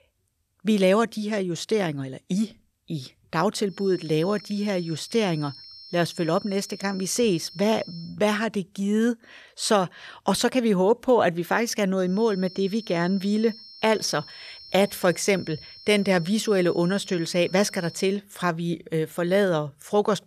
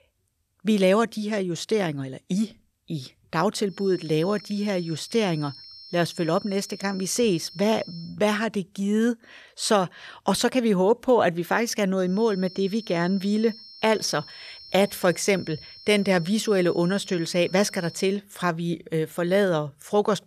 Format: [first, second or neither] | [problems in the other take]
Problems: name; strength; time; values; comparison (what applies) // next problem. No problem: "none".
neither | high-pitched whine; noticeable; from 4 to 8 s and from 12 to 18 s; 5.5 kHz, 20 dB below the speech; the same in both